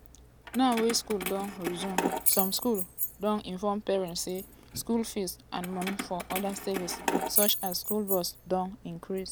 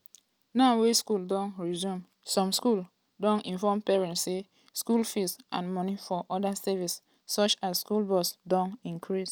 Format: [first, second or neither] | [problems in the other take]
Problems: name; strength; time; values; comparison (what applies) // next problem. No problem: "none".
second | background sound (Keys jangling); 3 dB below the speech